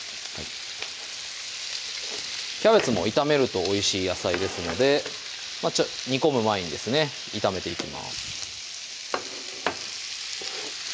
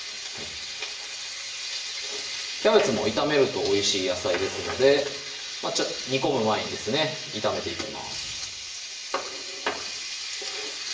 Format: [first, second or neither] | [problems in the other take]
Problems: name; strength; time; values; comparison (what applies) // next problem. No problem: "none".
first | room echo; dies away in 0.7 s